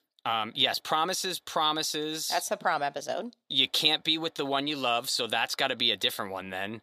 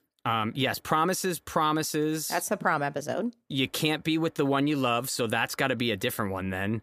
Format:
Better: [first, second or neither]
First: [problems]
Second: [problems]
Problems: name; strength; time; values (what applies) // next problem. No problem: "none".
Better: second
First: thin; somewhat; fading below 650 Hz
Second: none